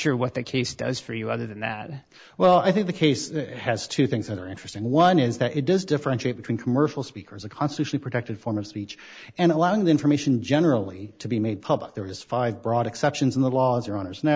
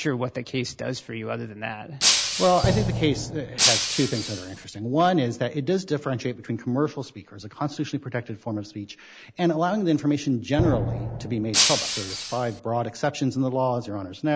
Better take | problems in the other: first | background sound (Drum + Shatter); 1 dB above the speech

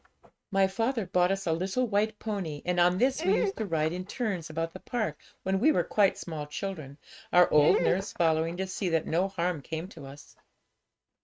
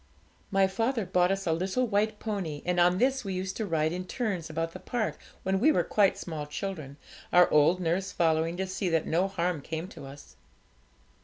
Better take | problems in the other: second | noise reduction (neural mask model RNNoise)

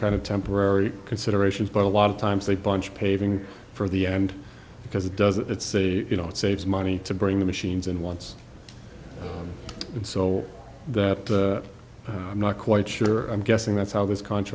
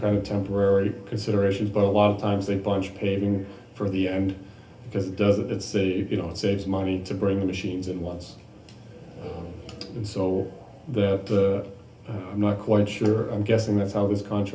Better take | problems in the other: first | room echo; dies away in 0.3 s

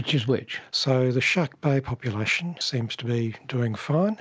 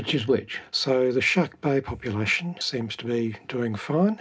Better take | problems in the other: first | room echo; dies away in 0.3 s

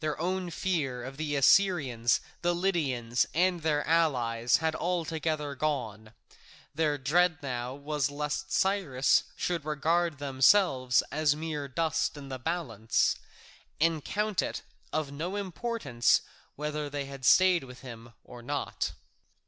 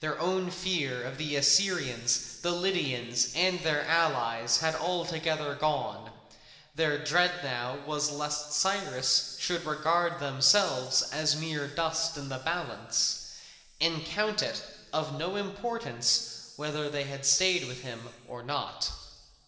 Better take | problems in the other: first | room echo; dies away in 1.7 s

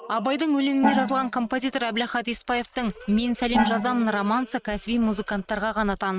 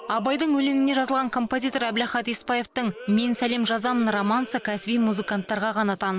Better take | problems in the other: second | noise reduction (neural mask model RNNoise)

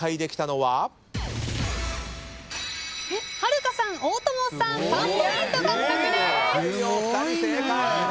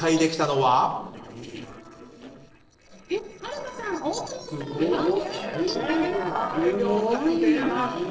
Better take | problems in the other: first | noise reduction (neural separator model SepFormer DNS4)

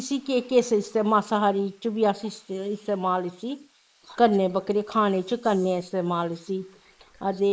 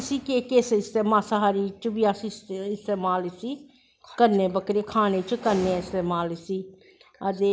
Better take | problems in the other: second | noise reduction (neural mask model Resemble Enhance denoiser)

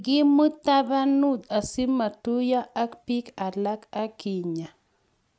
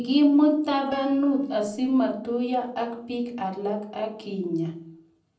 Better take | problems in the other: first | noise reduction (neural separator model SepFormer DNS4)

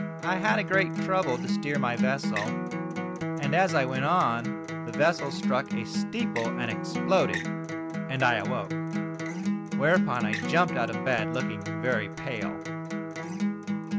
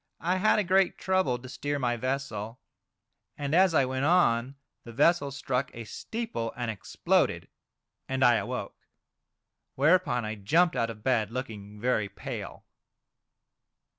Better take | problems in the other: second | background sound (Acoustic guitar); 1 dB below the speech

